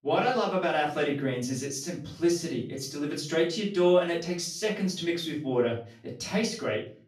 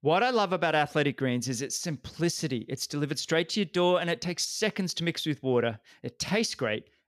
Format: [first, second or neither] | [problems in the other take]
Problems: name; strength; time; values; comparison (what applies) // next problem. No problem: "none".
second | off-mic speech; far // room echo; slight; dies away in 0.4 s